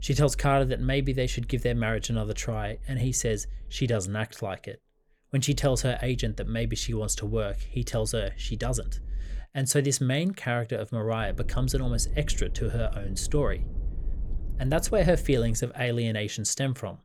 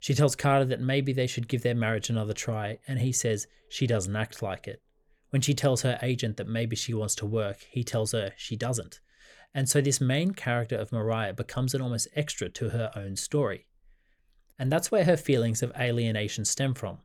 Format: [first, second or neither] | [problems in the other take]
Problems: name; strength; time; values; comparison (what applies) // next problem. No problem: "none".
second | low rumble; faint; until 4 s, from 5.5 to 9.5 s and from 11 to 16 s; 25 dB below the speech